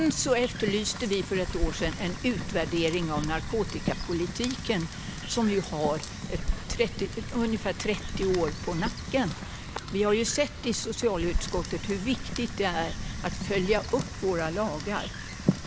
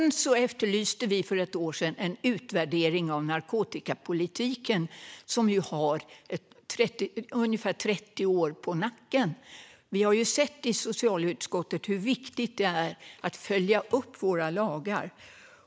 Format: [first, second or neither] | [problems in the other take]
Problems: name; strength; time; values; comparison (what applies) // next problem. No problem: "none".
second | background sound (Fire + Bird); 5 dB below the speech